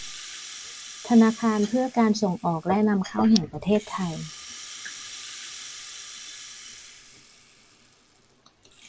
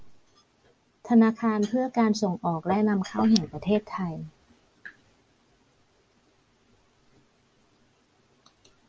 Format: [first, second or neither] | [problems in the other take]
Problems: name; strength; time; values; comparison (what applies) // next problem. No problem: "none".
second | background sound (Rattle (instrument)); 16 dB below the speech